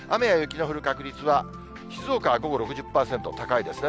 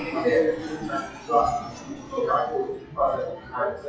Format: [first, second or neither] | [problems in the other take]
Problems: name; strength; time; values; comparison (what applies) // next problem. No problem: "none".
first | noise reduction (classical method WPE with log-MMSE)